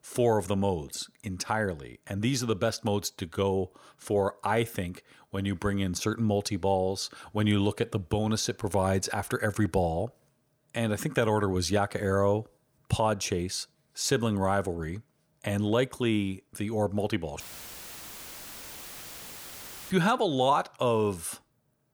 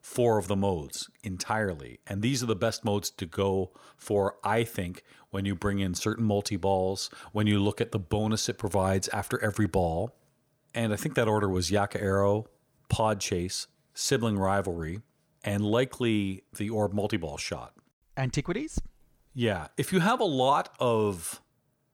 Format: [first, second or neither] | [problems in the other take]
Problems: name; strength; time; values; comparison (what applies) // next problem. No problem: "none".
second | audio cutting out; filled with static; at 17 s for 2.5 s